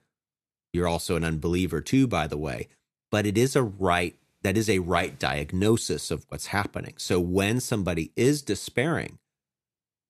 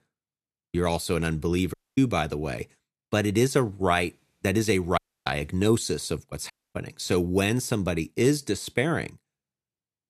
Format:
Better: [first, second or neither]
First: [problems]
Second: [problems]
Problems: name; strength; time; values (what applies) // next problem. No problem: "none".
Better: first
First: none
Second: audio cutting out; at 1.5 s, at 5 s and at 6.5 s